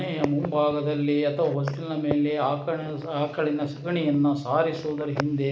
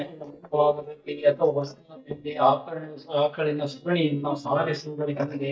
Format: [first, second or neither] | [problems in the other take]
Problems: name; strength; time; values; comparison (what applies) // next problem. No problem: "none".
first | noise reduction (neural mask model DeepFilterNet 3)